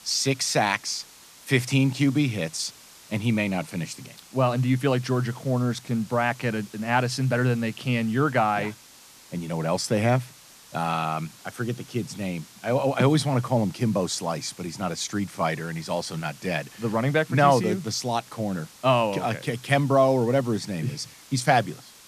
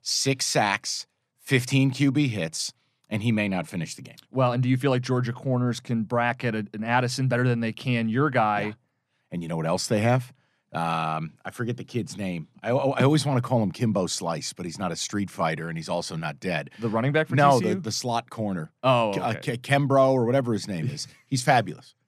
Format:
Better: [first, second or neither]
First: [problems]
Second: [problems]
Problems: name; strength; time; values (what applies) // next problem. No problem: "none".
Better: second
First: hiss; faint; throughout; 20 dB below the speech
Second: none